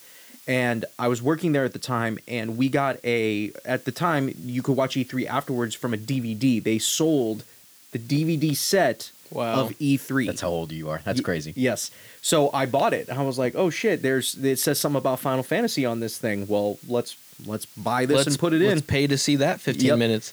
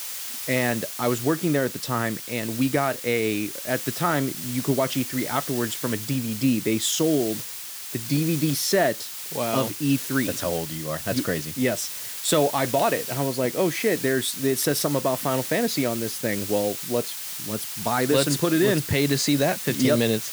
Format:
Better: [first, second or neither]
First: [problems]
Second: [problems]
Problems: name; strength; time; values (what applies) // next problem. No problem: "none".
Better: first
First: hiss; faint; throughout; 25 dB below the speech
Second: hiss; loud; throughout; 6 dB below the speech